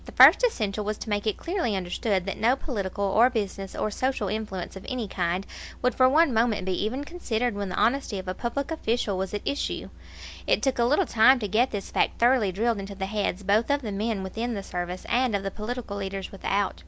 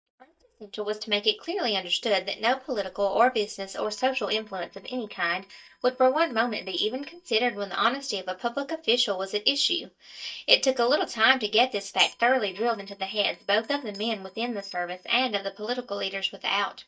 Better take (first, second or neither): first